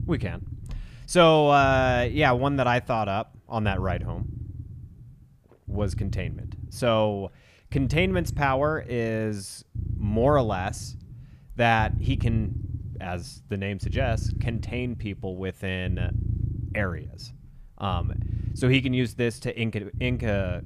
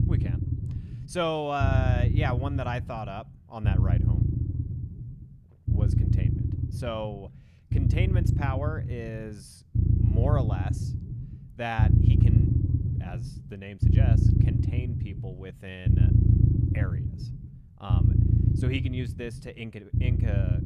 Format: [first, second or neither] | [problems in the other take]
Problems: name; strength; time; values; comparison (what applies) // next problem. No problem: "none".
first | low rumble; loud; throughout; 3 dB below the speech; faint in the first